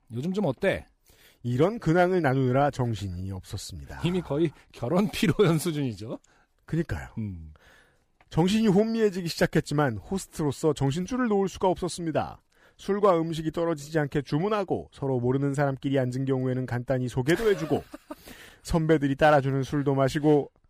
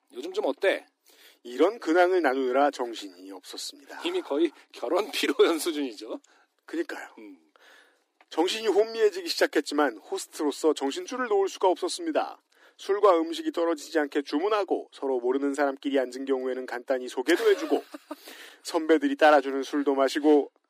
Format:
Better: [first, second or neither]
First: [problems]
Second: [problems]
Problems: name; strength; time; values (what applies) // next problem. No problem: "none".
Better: first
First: none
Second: thin; somewhat; fading below 300 Hz